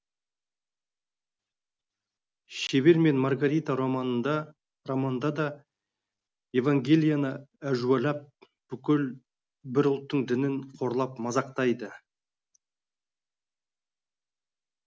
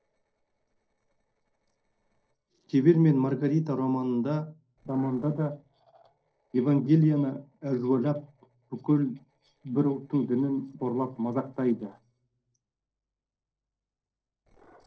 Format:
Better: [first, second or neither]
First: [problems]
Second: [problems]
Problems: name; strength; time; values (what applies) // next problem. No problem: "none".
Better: first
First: none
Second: noise reduction (neural separator model SepFormer DNS4)